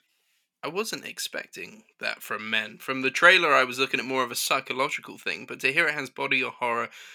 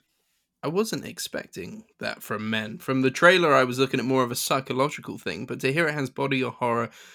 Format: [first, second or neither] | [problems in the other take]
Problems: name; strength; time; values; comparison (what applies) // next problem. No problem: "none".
second | thin; somewhat; fading below 600 Hz